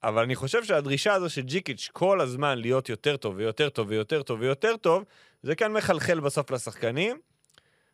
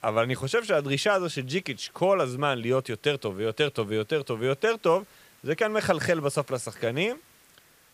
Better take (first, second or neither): first